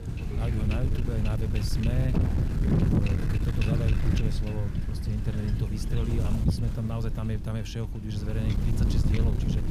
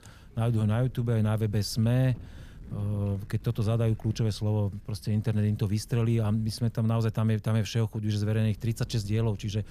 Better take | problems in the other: second | wind noise on the microphone; heavy; 2 dB above the speech; occasional gusts in the second

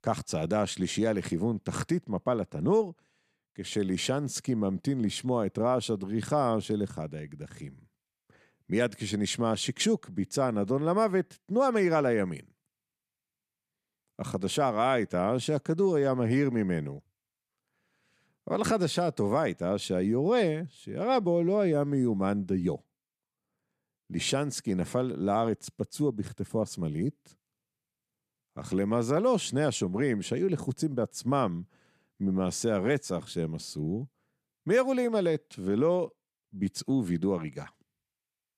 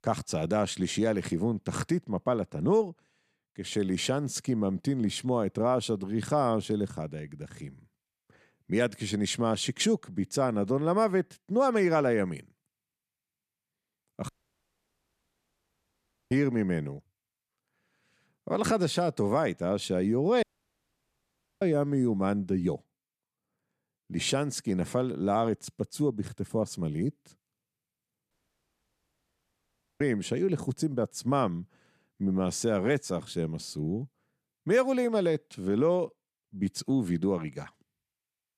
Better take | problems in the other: first | audio cutting out; at 14 s for 2 s, at 20 s for 1 s and at 28 s for 1.5 s

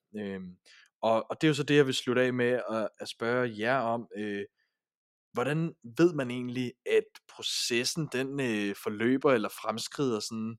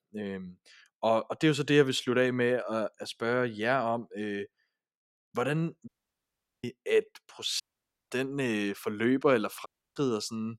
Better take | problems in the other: first | audio cutting out; at 6 s for 1 s, at 7.5 s for 0.5 s and at 9.5 s

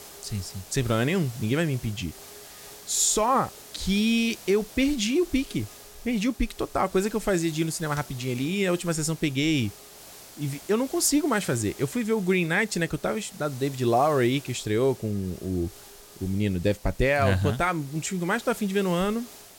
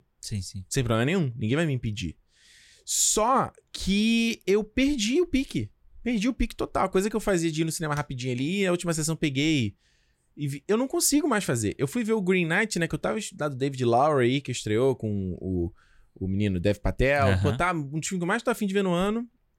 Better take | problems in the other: second | hiss; noticeable; throughout; 20 dB below the speech

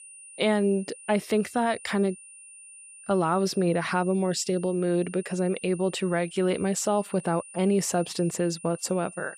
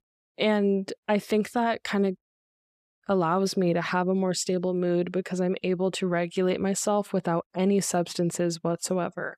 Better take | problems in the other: second | high-pitched whine; noticeable; throughout; 9.5 kHz, 20 dB below the speech

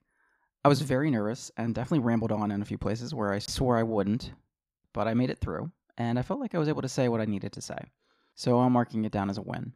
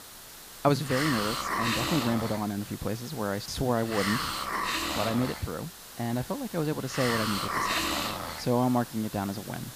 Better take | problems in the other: first | hiss; loud; throughout; 1 dB below the speech

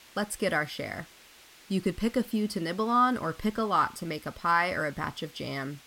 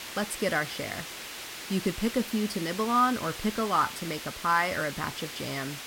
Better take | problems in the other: first | hiss; loud; throughout; 9 dB below the speech; faint in the first

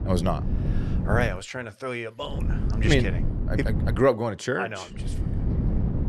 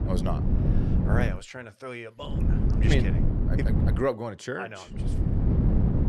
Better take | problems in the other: first | wind noise on the microphone; heavy; until 1.5 s, from 2.5 to 4 s and from 5 s on; 3 dB below the speech; occasional gusts in the first

